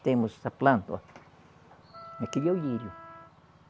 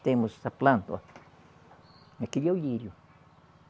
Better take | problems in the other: second | background sound (Wind instrument, woodwind instrument); 17 dB below the speech

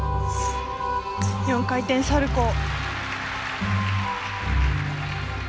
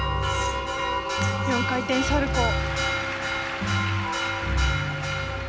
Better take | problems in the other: first | background sound (Church bell); 4 dB below the speech

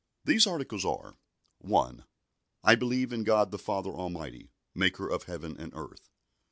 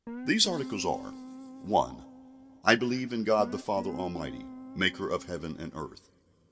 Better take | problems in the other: first | background sound (Guitar); 12 dB below the speech // room echo; dies away in 1.9 s

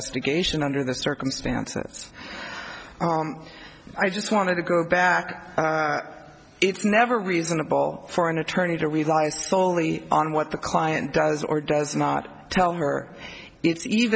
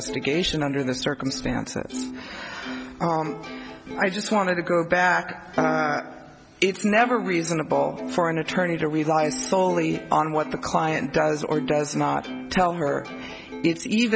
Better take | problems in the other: first | background sound (Plucked string instrument); 13 dB below the speech

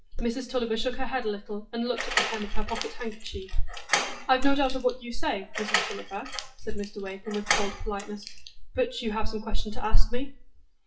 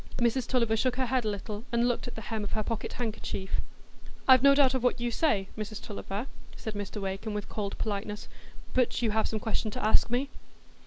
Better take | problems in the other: second | noise reduction (classical method WPE with log-MMSE)

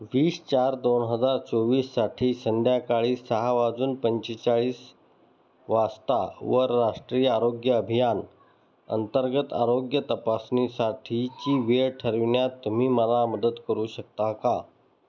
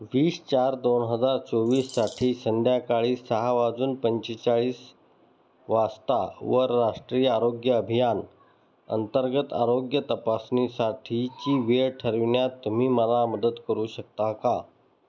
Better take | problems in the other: first | background sound (Bird vocalization, bird call, bird song); 20 dB below the speech

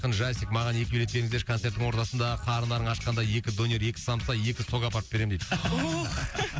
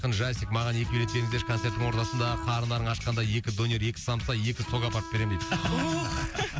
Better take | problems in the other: first | background sound (Bowed string instrument); 10 dB below the speech

